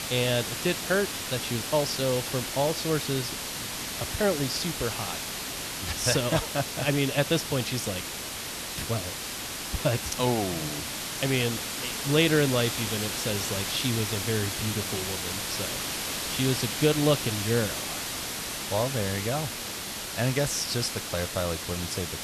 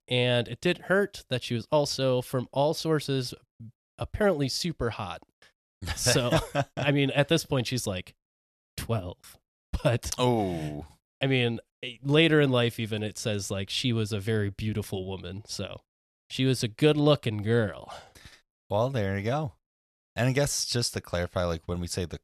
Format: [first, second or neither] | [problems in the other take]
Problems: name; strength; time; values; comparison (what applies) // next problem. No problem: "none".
second | hiss; loud; throughout; 3 dB below the speech